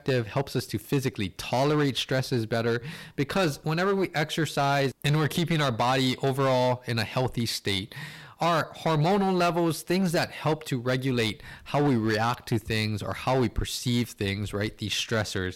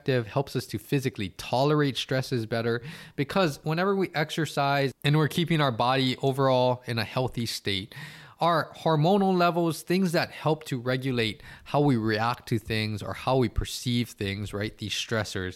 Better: second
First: distortion; slight; 11% of the sound clipped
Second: none

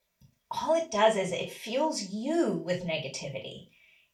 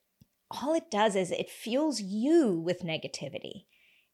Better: second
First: room echo; very slight; dies away in 0.2 s // off-mic speech; far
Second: none

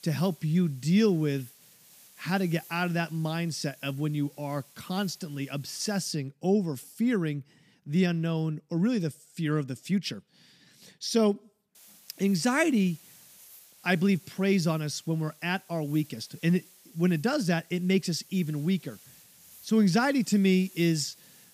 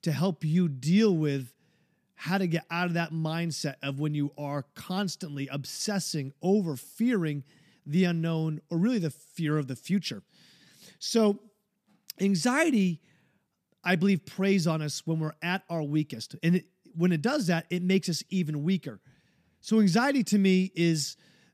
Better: second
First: hiss; faint; until 6 s and from 12 s on; 25 dB below the speech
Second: none

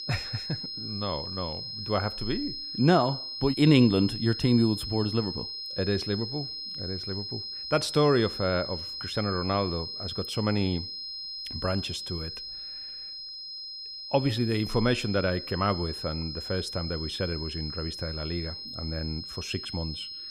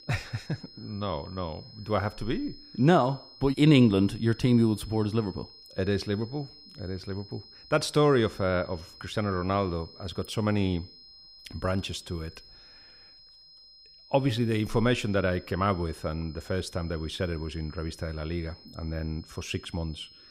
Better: second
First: high-pitched whine; loud; throughout; 5 kHz, 6 dB below the speech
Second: high-pitched whine; faint; throughout; 5 kHz, 20 dB below the speech

